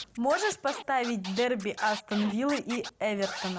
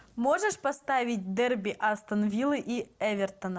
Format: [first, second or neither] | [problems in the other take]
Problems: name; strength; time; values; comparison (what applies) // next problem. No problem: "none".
second | background sound (Scratching (performance technique)); 11 dB below the speech